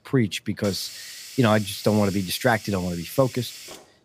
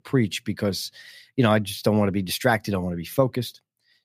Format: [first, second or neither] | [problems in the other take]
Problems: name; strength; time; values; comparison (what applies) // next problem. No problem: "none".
second | hiss; noticeable; throughout; 15 dB below the speech